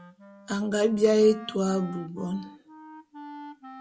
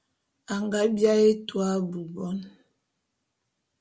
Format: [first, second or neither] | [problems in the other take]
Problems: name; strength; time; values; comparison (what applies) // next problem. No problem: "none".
second | background sound (Wind instrument, woodwind instrument); 18 dB below the speech